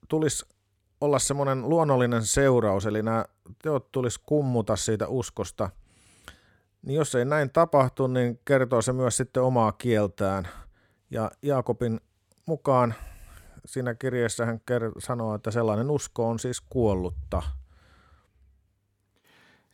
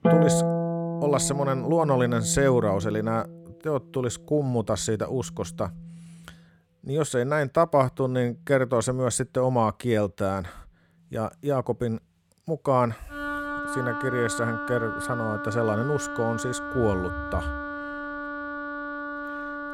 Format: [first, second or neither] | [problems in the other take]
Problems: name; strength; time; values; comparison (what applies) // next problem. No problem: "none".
first | background music; loud; throughout; 5 dB below the speech